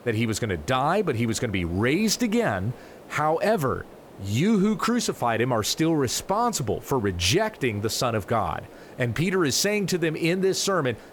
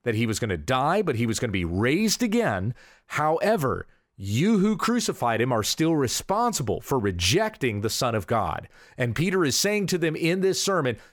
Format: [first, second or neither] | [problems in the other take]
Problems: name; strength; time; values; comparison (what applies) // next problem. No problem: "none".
second | hiss; faint; throughout; 20 dB below the speech